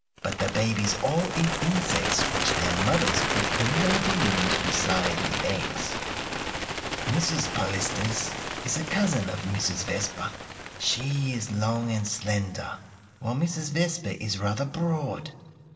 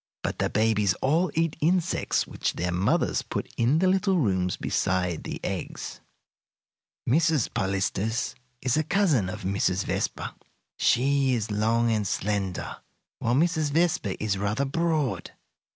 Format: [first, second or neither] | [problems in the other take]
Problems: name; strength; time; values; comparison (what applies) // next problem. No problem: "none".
second | background sound (Bird); 3 dB below the speech // room echo; dies away in 1.7 s